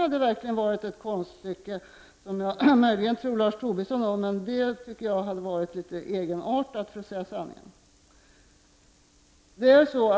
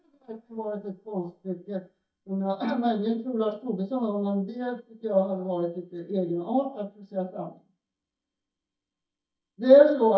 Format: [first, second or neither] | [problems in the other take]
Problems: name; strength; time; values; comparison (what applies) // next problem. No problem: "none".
first | noise reduction (neural mask model DeepFilterNet 3)